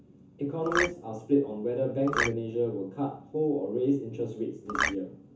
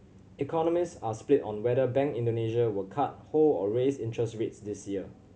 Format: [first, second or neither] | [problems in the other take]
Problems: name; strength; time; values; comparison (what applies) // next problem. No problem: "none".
second | background sound (Marimba, xylophone); 1 dB above the speech // room echo; dies away in 0.9 s